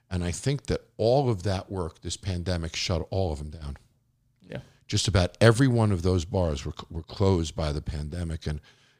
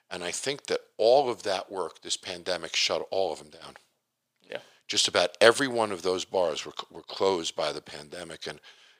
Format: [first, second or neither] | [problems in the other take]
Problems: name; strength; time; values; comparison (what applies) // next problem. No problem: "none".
first | thin; very; fading below 550 Hz